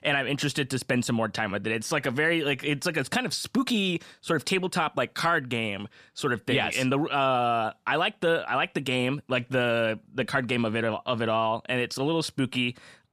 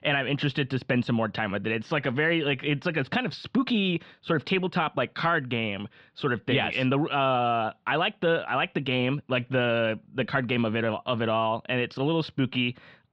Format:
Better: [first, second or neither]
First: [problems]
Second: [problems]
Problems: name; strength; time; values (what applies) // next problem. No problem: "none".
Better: first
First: none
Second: muffled; slightly; fading above 3.5 kHz